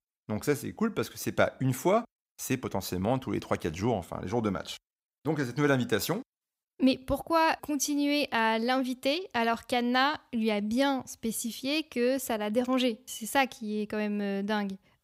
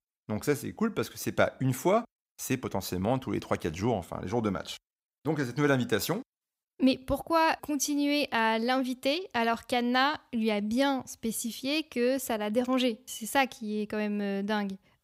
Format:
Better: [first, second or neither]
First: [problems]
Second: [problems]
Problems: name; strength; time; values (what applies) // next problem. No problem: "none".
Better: neither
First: none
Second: none